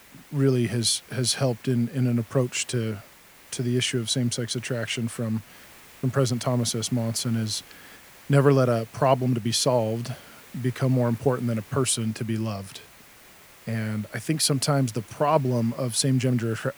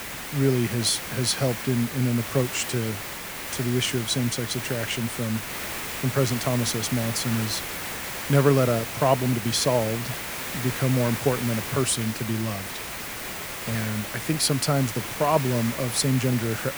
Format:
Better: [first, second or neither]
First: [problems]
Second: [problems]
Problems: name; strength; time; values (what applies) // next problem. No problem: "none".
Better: first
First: hiss; faint; throughout; 25 dB below the speech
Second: hiss; loud; throughout; 6 dB below the speech